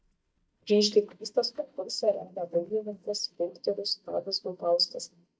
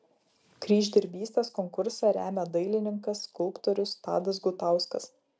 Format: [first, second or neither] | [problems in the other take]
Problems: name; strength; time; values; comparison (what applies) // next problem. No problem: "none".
second | noise reduction (neural mask model DeepFilterNet 3)